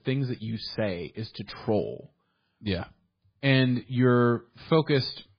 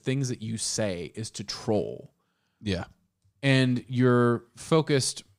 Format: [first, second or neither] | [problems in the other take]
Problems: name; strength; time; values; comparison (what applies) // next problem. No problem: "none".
second | garbled, watery; badly